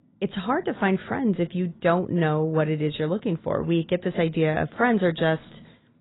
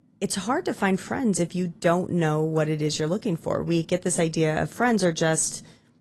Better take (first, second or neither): second